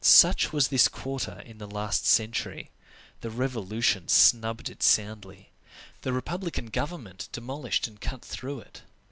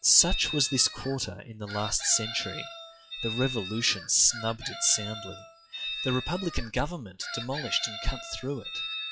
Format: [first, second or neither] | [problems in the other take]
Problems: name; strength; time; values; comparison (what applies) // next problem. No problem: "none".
first | noise reduction (classical method log-MMSE)